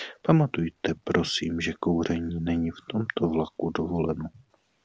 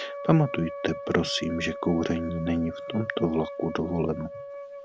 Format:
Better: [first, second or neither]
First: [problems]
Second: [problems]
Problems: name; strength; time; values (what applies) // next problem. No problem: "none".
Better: first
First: none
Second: background sound (Wind instrument, woodwind instrument); 10 dB below the speech